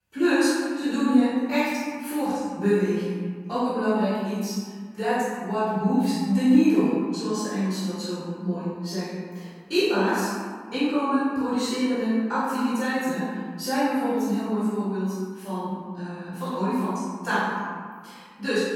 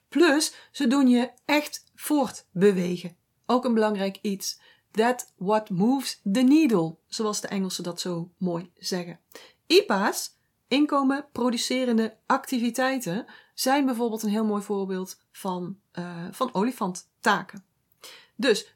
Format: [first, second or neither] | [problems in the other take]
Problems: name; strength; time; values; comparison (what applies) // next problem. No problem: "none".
second | room echo; strong; dies away in 1.6 s // off-mic speech; far